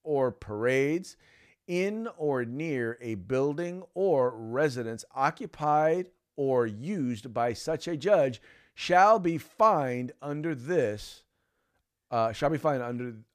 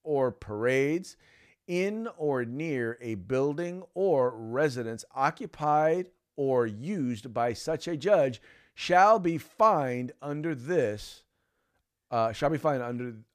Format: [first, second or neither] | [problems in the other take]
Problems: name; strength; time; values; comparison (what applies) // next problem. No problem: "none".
neither | none